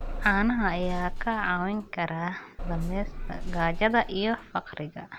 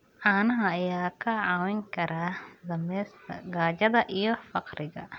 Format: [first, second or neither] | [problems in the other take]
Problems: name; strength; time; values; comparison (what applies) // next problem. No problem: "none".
second | background sound (Bus / Engine); 6 dB below the speech